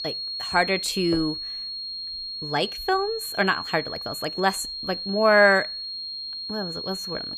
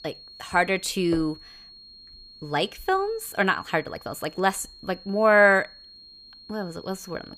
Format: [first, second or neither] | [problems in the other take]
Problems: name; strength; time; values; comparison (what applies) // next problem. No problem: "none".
second | high-pitched whine; loud; throughout; 4.5 kHz, 6 dB below the speech; faint in the second